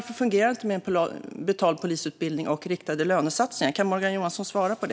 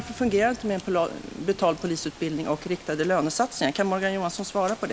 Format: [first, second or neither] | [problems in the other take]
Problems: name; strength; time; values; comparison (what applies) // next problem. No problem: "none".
first | background sound (Rain); 18 dB below the speech